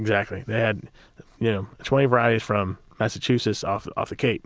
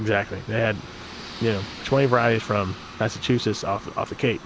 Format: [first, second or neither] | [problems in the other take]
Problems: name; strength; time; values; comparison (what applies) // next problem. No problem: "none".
first | background sound (Aircraft); 15 dB below the speech